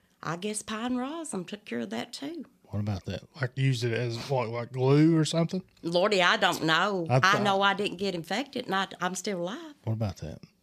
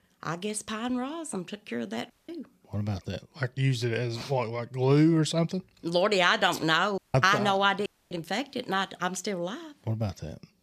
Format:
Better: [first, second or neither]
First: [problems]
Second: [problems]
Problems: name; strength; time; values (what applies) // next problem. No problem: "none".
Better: first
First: none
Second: audio cutting out; at 2 s, at 7 s and at 8 s